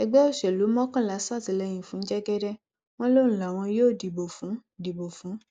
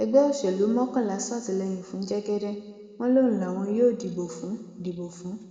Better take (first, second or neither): first